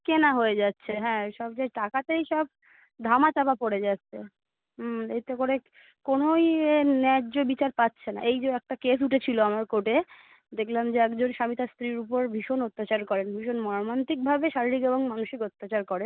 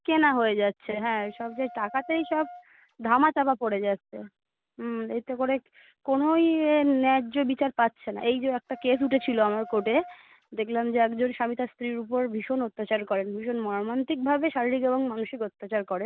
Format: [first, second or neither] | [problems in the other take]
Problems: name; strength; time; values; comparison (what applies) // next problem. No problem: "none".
first | background sound (Wind instrument, woodwind instrument); 20 dB below the speech